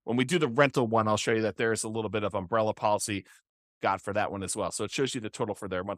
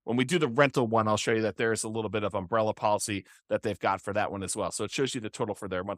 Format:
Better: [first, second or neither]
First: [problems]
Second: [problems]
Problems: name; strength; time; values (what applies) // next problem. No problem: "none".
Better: second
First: audio cutting out; at 3.5 s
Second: none